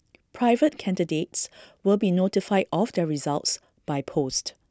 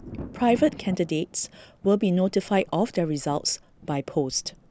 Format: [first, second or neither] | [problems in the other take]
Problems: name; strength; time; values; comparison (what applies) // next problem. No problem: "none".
first | background sound (Thunder); 17 dB below the speech